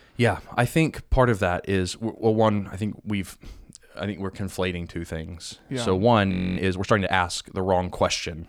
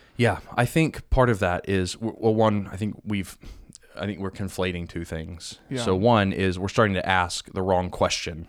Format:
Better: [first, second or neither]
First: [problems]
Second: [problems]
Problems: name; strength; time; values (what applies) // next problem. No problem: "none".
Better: second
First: audio freezing; at 6.5 s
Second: none